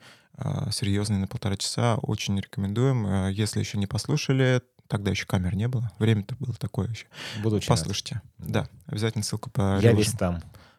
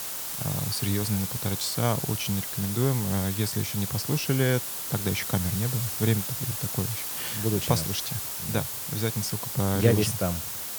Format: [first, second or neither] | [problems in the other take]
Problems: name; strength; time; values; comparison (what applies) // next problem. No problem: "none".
first | hiss; loud; throughout; 2 dB below the speech